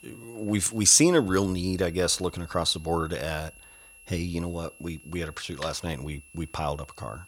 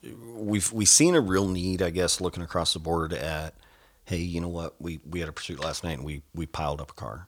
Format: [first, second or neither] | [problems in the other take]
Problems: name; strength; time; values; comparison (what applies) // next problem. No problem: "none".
second | high-pitched whine; faint; throughout; 2.5 kHz, 25 dB below the speech